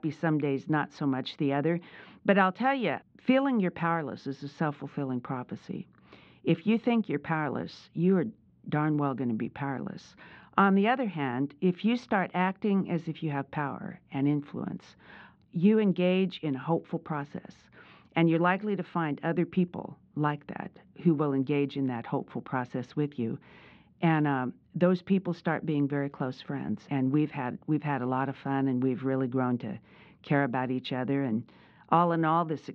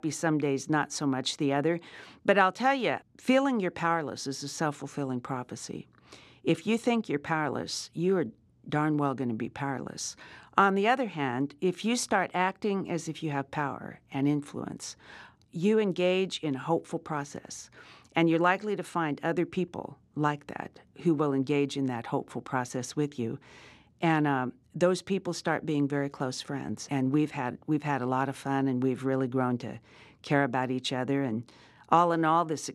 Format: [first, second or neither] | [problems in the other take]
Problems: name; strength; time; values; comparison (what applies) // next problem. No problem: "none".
second | muffled; slightly; fading above 3.5 kHz